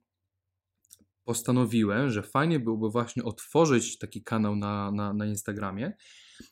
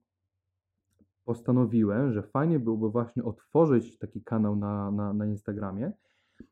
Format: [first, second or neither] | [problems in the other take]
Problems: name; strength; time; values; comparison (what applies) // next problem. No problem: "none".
first | muffled; very; fading above 2 kHz